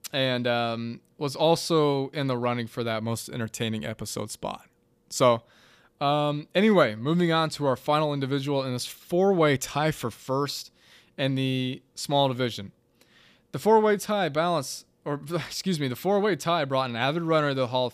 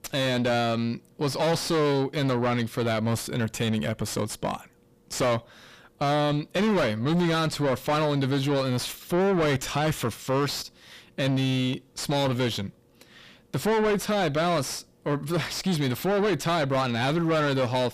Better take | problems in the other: first | distortion; heavy; 5 dB below the speech

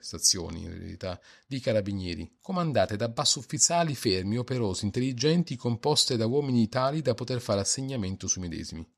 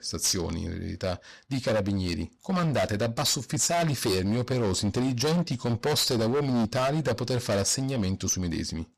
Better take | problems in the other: first | distortion; heavy; 21% of the sound clipped

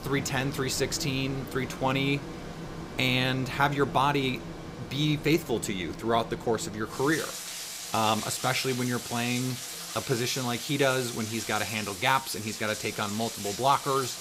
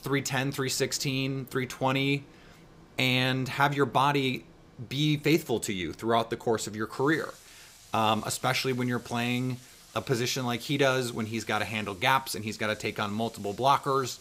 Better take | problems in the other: second | rain or running water; loud; throughout; 9 dB below the speech; faint in the second

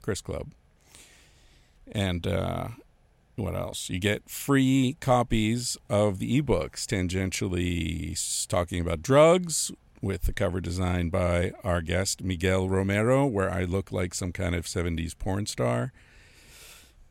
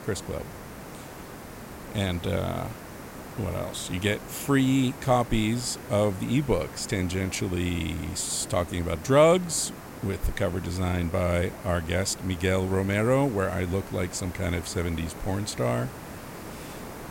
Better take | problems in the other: first | hiss; noticeable; throughout; 15 dB below the speech

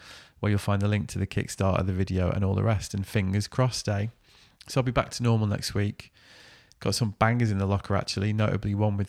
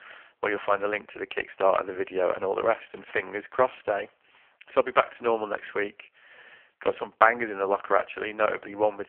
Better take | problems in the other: first | phone-call audio; poor line

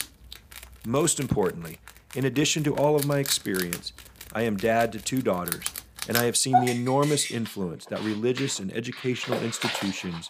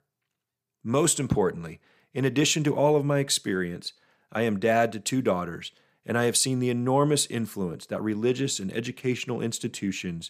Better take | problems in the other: second | animal sounds; loud; throughout; 6 dB below the speech

